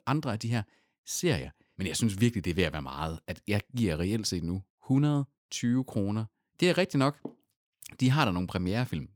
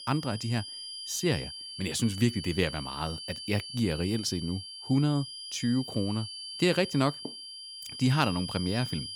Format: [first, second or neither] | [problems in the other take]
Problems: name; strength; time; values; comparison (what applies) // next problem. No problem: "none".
first | high-pitched whine; loud; throughout; 5 kHz, 9 dB below the speech